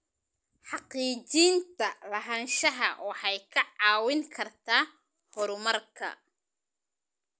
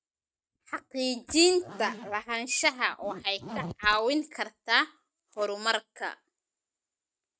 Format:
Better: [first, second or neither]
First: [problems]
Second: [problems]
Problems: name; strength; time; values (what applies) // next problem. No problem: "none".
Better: first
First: none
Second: noise reduction (neural mask model RNNoise)